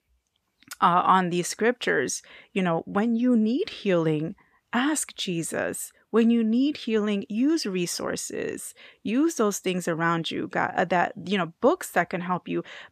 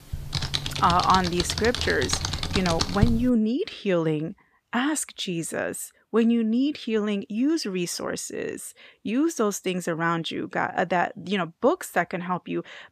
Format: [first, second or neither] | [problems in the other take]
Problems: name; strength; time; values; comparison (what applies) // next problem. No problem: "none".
first | keyboard typing; loud; until 3.5 s; peak 1 dB above the speech